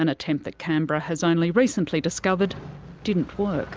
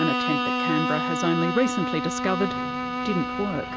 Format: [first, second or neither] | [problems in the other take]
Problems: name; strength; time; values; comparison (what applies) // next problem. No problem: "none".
first | background sound (Bowed string instrument); as loud as the speech